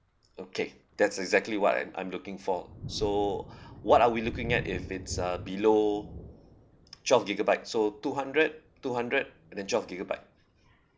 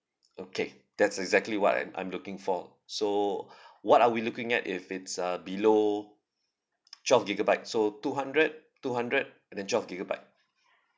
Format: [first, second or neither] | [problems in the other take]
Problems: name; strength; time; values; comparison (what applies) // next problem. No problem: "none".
second | background sound (Thunder); 15 dB below the speech